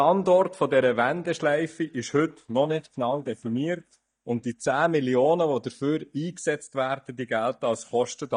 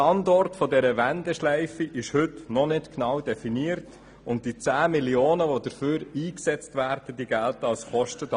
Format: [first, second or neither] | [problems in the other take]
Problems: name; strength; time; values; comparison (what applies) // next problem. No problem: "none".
second | noise reduction (neural mask model DeepFilterNet 3)